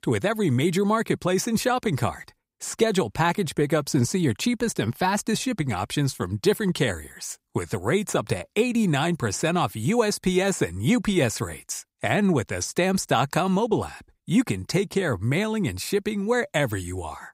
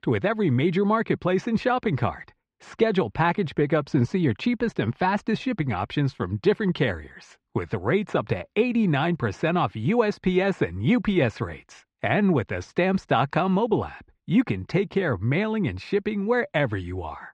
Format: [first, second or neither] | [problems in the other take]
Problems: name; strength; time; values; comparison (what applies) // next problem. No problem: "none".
first | muffled; very; fading above 3 kHz